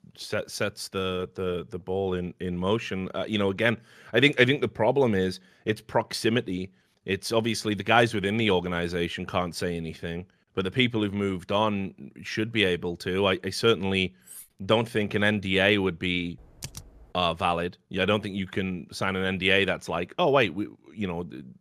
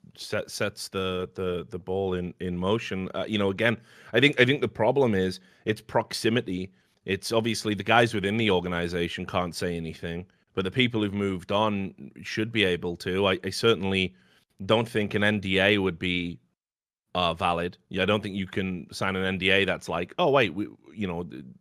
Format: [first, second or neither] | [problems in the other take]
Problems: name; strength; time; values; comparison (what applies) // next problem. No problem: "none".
second | clattering dishes; faint; at 14 s; peak 20 dB below the speech // keyboard typing; faint; at 16 s; peak 15 dB below the speech